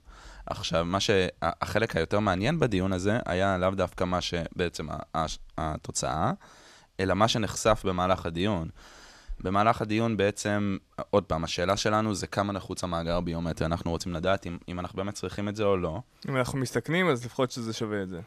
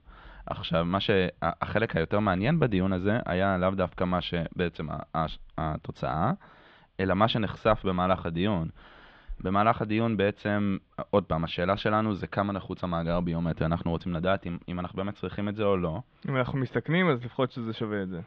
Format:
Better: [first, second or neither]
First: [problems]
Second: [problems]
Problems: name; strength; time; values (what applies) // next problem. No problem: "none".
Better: first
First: none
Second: muffled; very; fading above 3.5 kHz